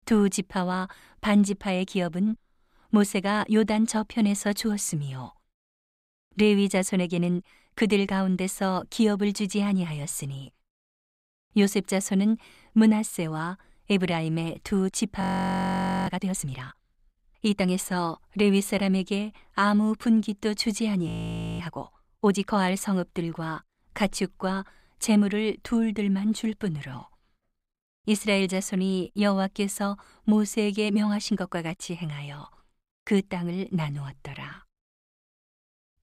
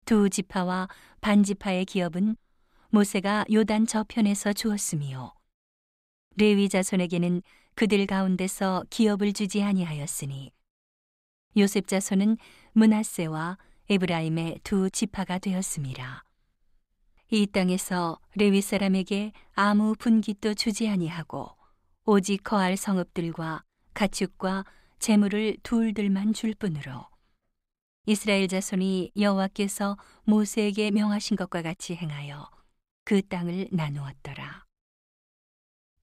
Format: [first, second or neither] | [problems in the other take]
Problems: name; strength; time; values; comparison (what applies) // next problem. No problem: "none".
second | audio freezing; at 15 s for 1 s and at 21 s for 0.5 s